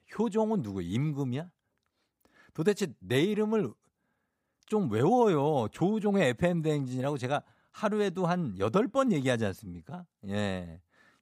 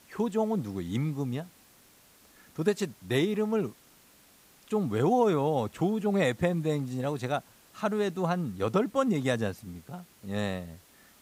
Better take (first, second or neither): first